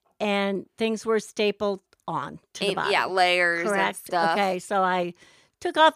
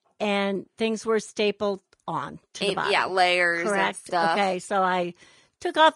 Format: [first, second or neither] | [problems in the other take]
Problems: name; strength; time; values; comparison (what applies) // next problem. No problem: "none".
first | garbled, watery; slightly; nothing above 10 kHz